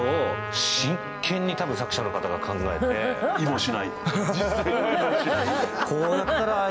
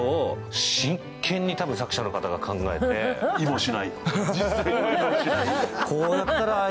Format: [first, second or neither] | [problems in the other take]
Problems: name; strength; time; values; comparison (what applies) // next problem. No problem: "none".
second | background sound (Trumpet); 10 dB below the speech